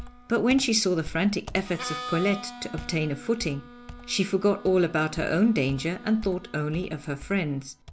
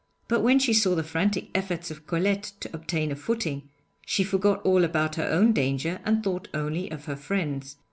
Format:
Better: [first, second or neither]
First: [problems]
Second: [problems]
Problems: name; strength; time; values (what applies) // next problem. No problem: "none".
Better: second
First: background sound (Harmonica + Computer keyboard); 14 dB below the speech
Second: none